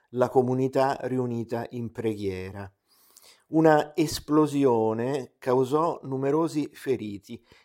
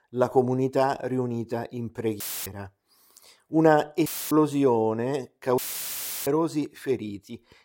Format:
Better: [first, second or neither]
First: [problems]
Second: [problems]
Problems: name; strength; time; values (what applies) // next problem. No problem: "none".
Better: first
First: none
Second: audio cutting out; filled with static; at 2 s, at 4 s and at 5.5 s for 0.5 s